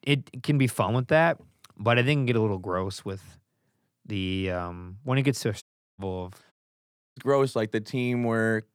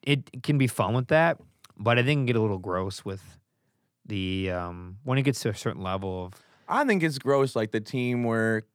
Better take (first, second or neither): second